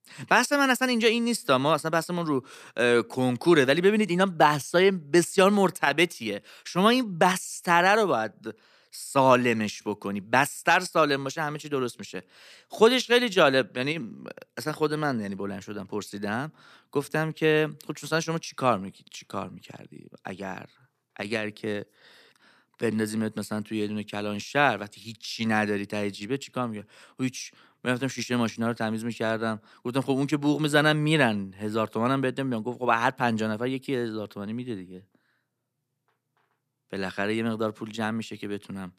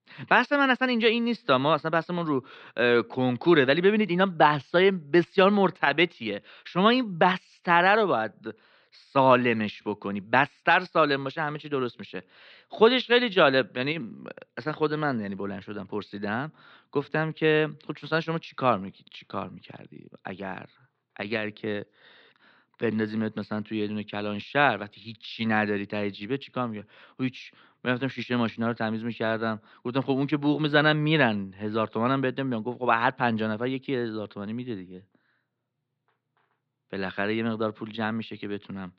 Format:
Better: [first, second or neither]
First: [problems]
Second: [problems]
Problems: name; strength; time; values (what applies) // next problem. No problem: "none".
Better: first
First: none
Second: muffled; slightly; fading above 4 kHz